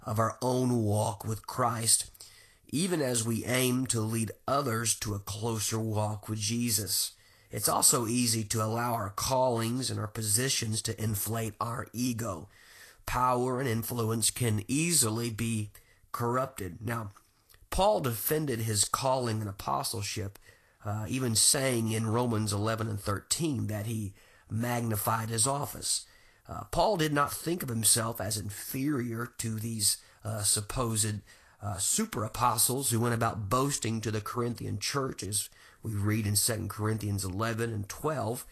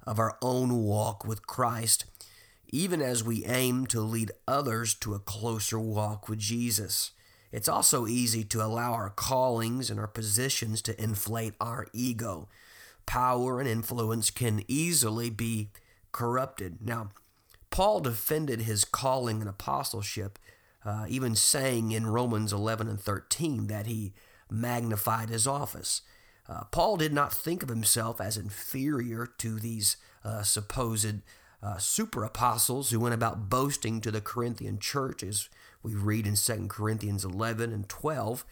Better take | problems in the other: second | garbled, watery; slightly; nothing above 12.5 kHz

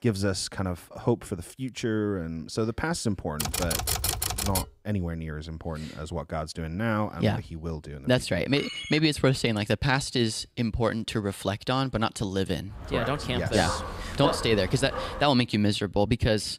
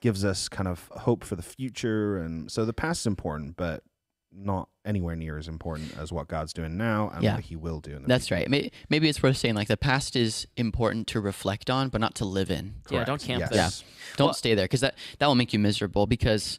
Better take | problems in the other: second | keyboard typing; loud; from 3.5 to 4.5 s; peak 2 dB above the speech // phone ringing; noticeable; at 8.5 s; peak 7 dB below the speech // dog barking; noticeable; from 13 to 15 s; peak 6 dB below the speech

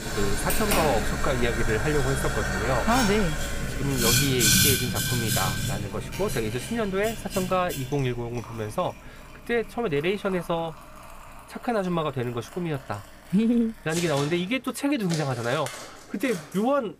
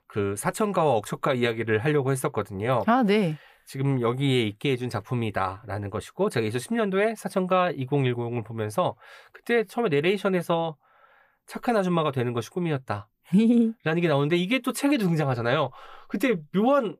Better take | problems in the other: second | household noises; very loud; throughout; 1 dB above the speech

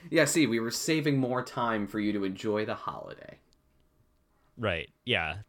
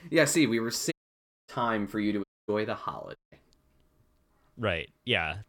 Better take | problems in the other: first | audio cutting out; at 1 s for 0.5 s, at 2 s and at 3 s

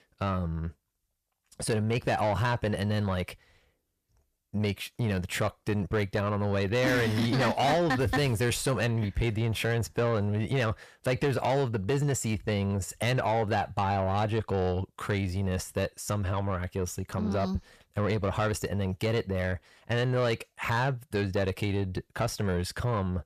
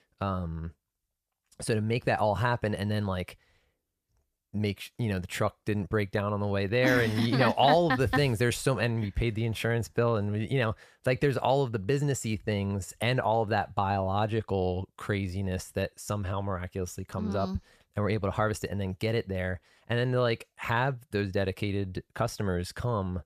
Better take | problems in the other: second | distortion; slight; 10 dB below the speech

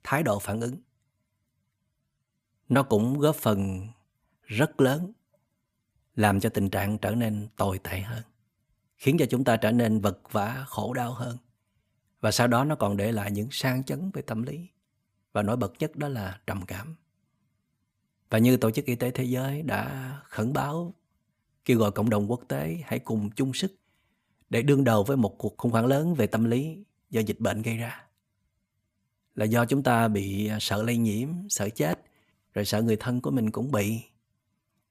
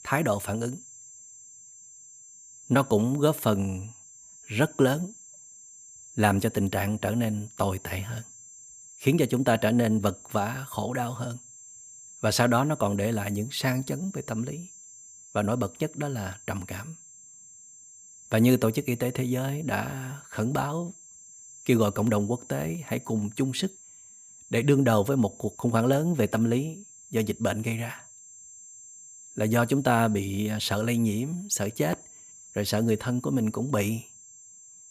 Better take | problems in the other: first | high-pitched whine; noticeable; throughout; 7.5 kHz, 20 dB below the speech

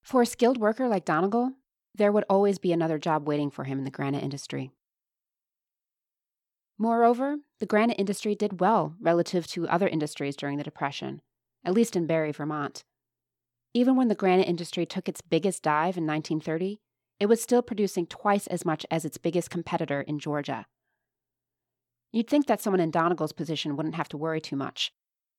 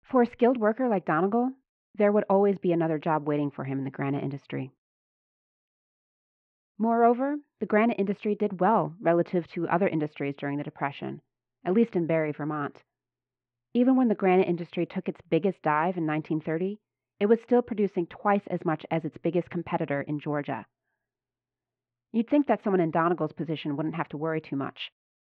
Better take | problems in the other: first | muffled; very; fading above 2.5 kHz

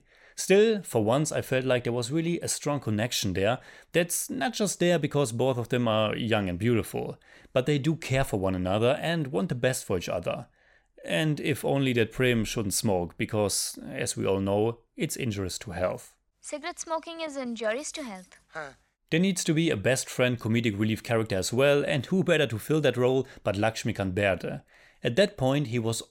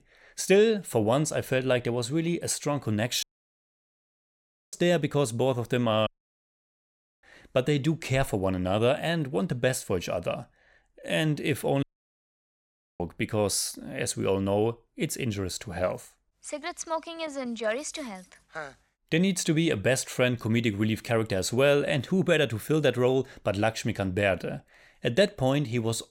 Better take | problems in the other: first | audio cutting out; at 3 s for 1.5 s, at 6 s for 1 s and at 12 s for 1 s

